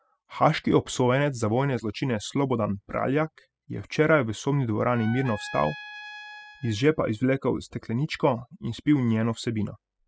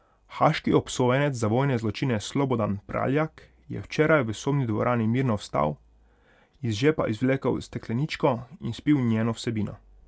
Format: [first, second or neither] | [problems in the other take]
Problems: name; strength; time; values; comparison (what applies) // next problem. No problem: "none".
second | noise reduction (classical method spectral subtraction)